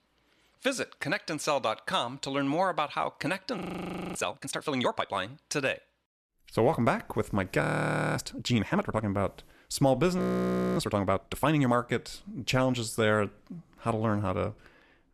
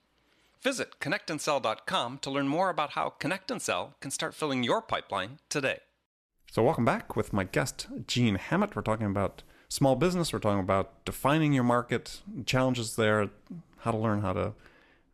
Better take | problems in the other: second | audio freezing; at 3.5 s for 0.5 s, at 7.5 s for 0.5 s and at 10 s for 0.5 s

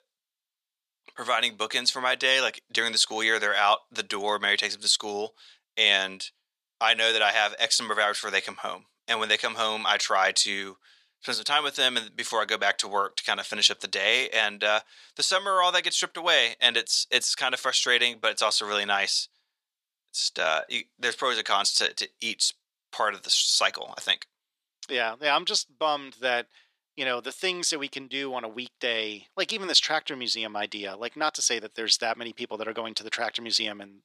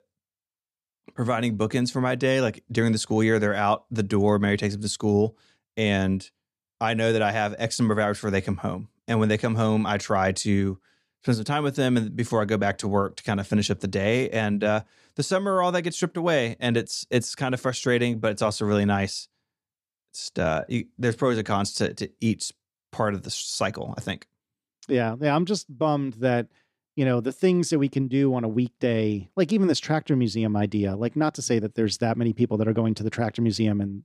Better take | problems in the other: second | thin; very; fading below 900 Hz

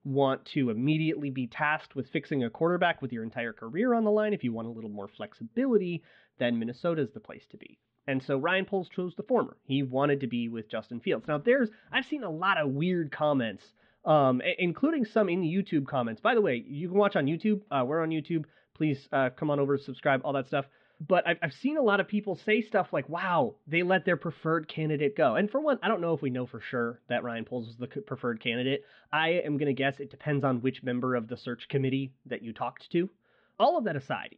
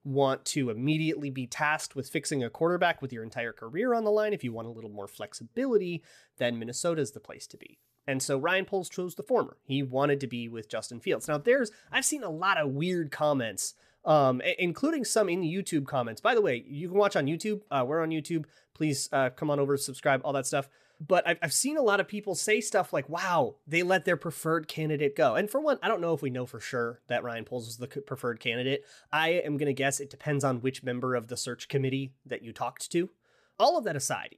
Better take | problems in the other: second | muffled; very; fading above 3.5 kHz

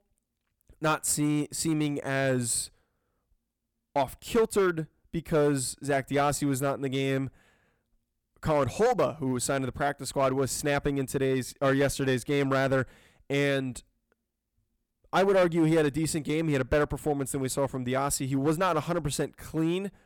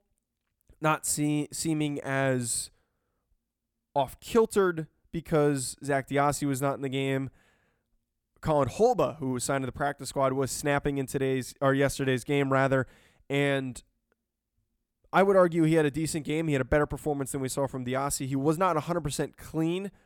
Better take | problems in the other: second | distortion; slight; 4% of the sound clipped

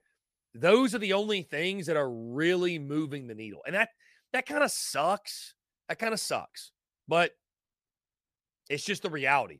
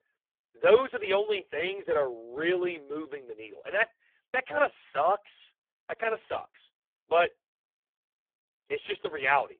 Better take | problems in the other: first | phone-call audio; poor line

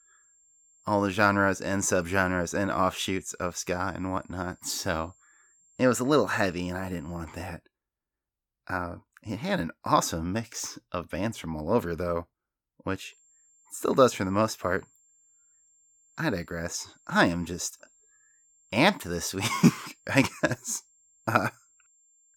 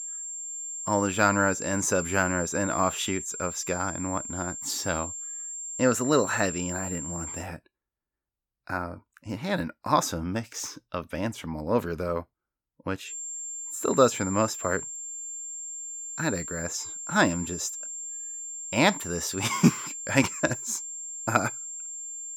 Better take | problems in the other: first | high-pitched whine; loud; until 7.5 s and from 13 s on; 7.5 kHz, 6 dB below the speech; faint in the first

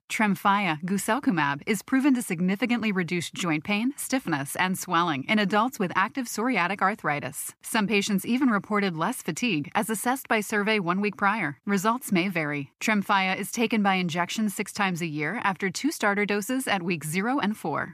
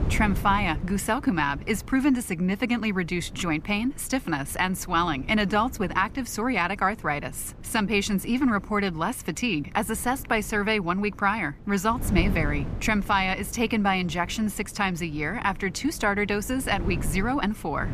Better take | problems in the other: first | wind noise on the microphone; occasional gusts; 20 dB below the speech

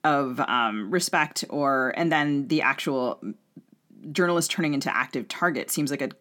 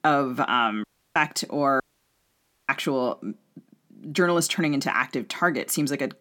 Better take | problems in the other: first | audio cutting out; at 1 s and at 2 s for 1 s

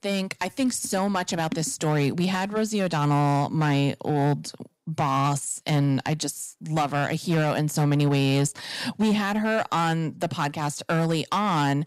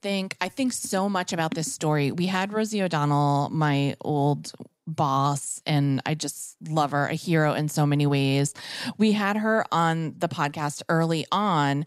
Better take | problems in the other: second | distortion; slight; 8% of the sound clipped

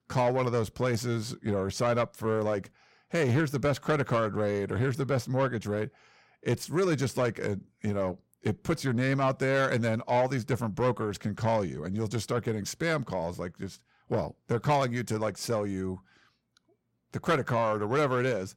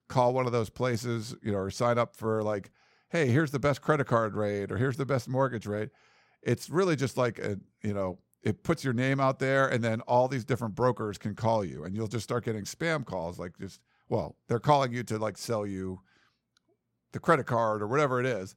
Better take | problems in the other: second | distortion; slight; 10 dB below the speech

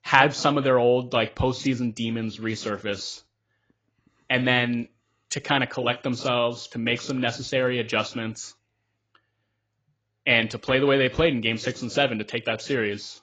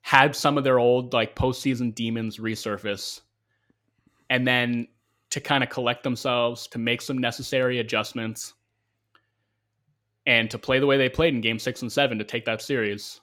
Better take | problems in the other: second | garbled, watery; badly; nothing above 7.5 kHz

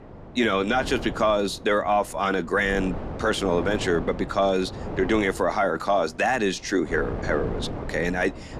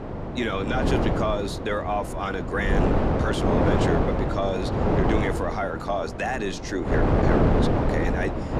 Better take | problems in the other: first | wind noise on the microphone; heavy; 1 dB above the speech; occasional gusts in the first

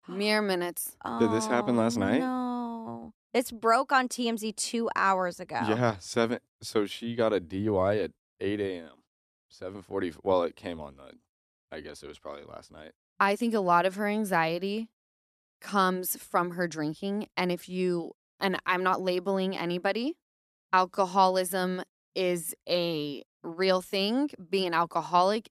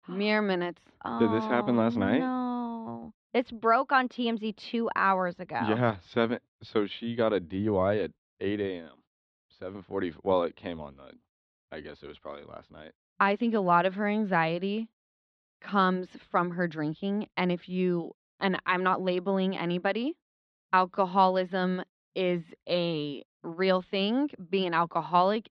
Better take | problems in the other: first | muffled; slightly; fading above 4 kHz

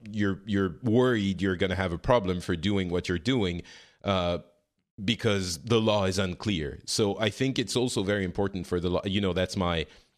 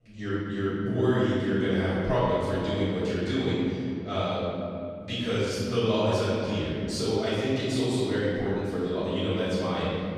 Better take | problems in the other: first | off-mic speech; far // room echo; strong; dies away in 2.5 s

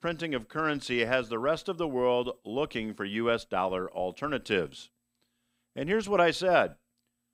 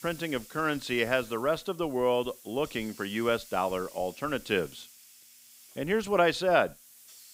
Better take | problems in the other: first | hiss; faint; throughout; 20 dB below the speech

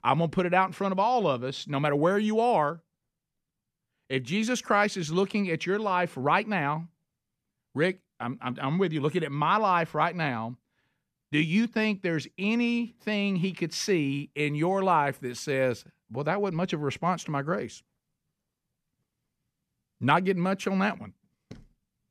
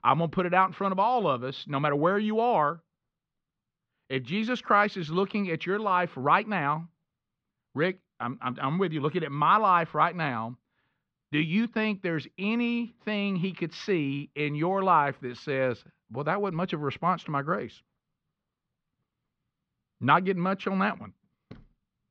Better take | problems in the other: first | muffled; slightly; fading above 4 kHz

